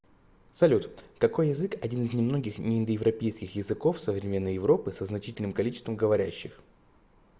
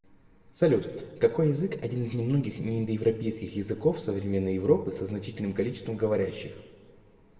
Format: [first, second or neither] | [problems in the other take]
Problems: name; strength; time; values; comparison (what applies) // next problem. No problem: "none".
first | room echo; dies away in 1.5 s